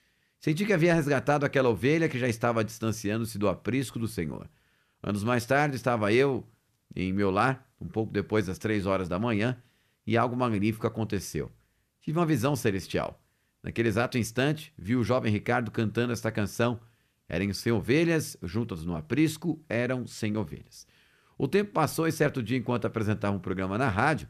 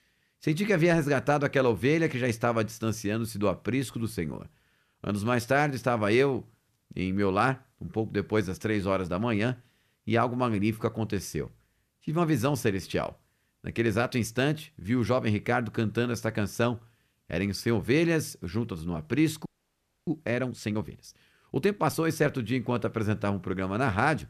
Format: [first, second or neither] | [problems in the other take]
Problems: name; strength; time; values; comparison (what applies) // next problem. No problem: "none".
first | audio freezing; at 19 s for 0.5 s